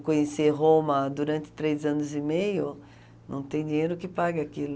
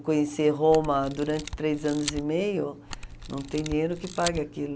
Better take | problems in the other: first | background sound (Camera); 12 dB below the speech

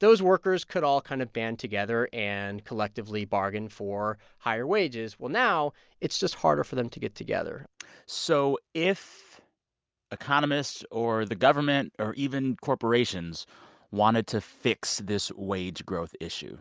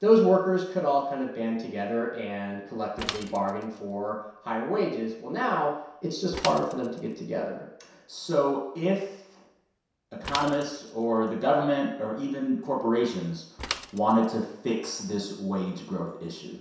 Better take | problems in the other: first | background sound (Mechanisms / Bicycle); 17 dB below the speech // room echo; dies away in 0.7 s

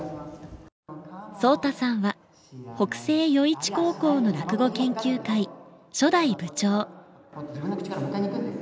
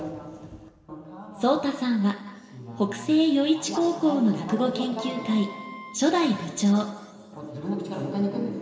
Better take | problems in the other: first | background sound (Wind instrument, woodwind instrument); 17 dB below the speech // room echo; dies away in 2.3 s

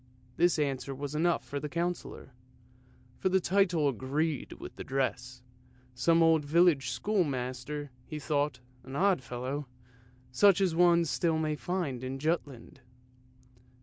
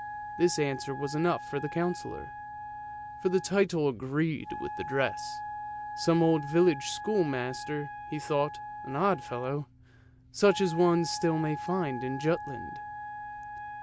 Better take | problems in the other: first | background sound (Wind instrument, woodwind instrument); 10 dB below the speech

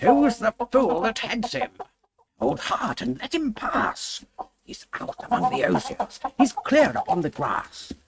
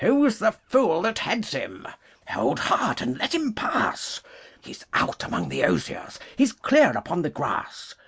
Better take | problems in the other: second | noise reduction (neural mask model RNNoise)

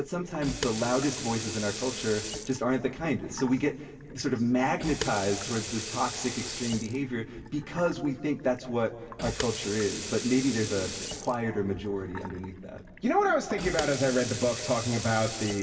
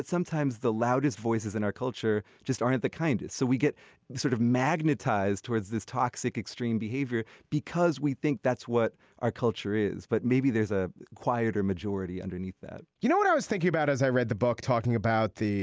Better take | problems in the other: second | background sound (Sink (filling or washing) / Water tap, faucet); 9 dB below the speech // room echo; dies away in 1.6 s

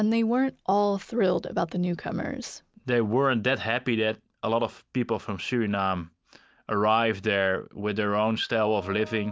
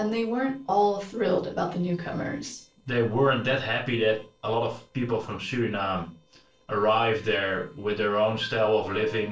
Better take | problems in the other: first | noise reduction (neural separator model SepFormer DNS4)

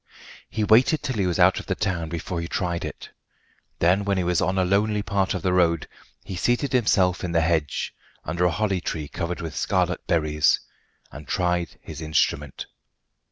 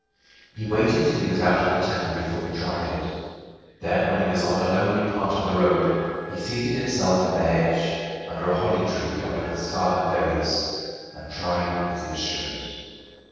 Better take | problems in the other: first | noise reduction (neural separator model SepFormer DNS4)

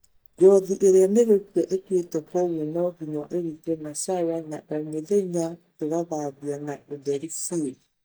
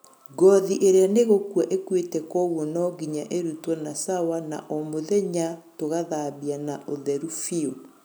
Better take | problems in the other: second | noise reduction (neural mask model DeepFilterNet 3)

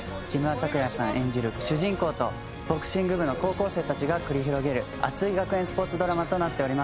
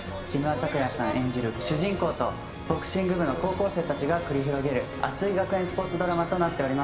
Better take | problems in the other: first | room echo; dies away in 2.1 s

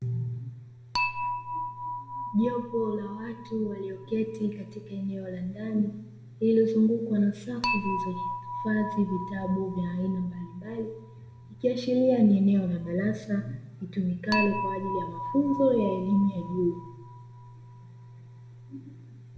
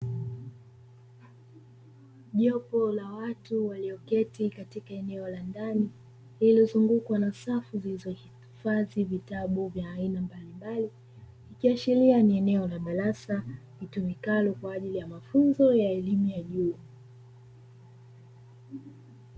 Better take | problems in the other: second | background sound (Dishes, pots, and pans / Chink, clink); 9 dB below the speech // room echo; dies away in 0.7 s

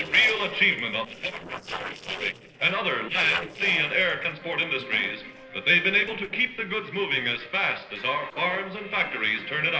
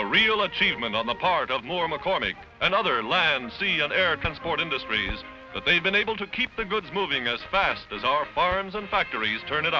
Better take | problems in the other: second | noise reduction (neural separator model SepFormer DNS4)

